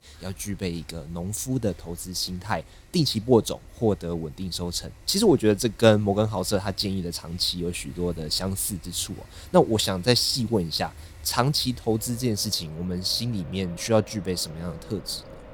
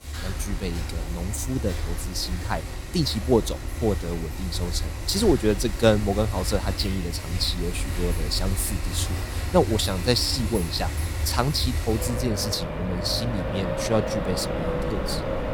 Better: first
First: traffic noise; faint; throughout; 20 dB below the speech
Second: traffic noise; loud; throughout; 4 dB below the speech

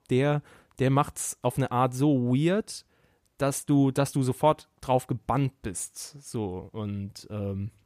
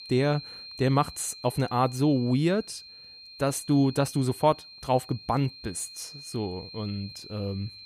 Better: first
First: none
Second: high-pitched whine; noticeable; throughout; 4 kHz, 15 dB below the speech

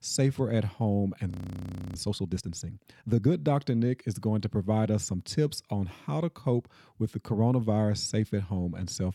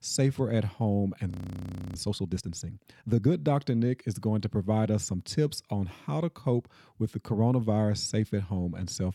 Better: neither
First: audio freezing; at 1.5 s for 0.5 s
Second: audio freezing; at 1.5 s for 0.5 s

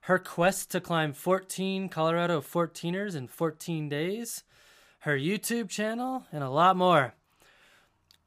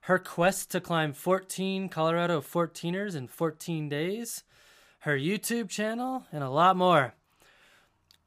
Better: neither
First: none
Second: none

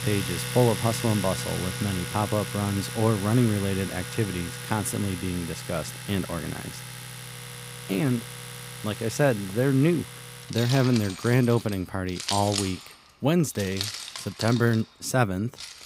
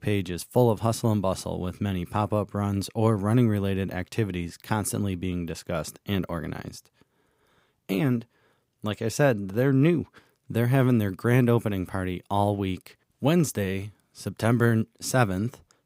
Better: second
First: household noises; loud; throughout; 8 dB below the speech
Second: none

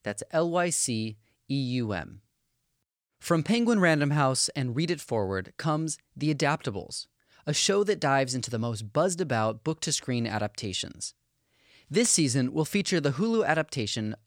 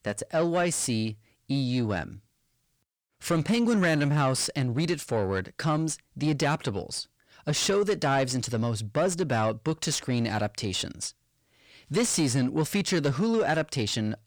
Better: first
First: none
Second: distortion; slight; 10 dB below the speech

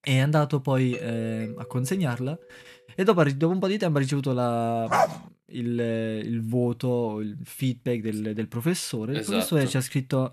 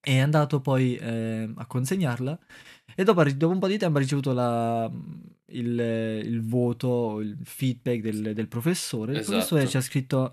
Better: second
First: doorbell; faint; from 1 to 2.5 s; peak 10 dB below the speech // dog barking; loud; at 5 s; peak 2 dB above the speech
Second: none

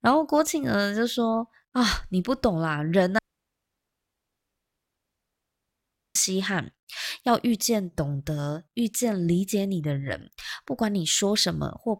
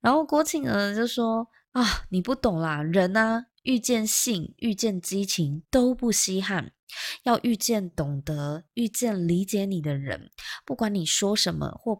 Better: second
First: audio cutting out; at 3 s for 3 s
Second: none

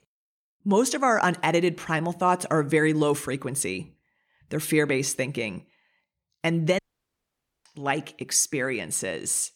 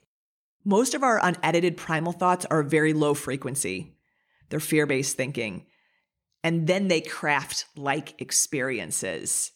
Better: second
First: audio cutting out; at 7 s for 1 s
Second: none

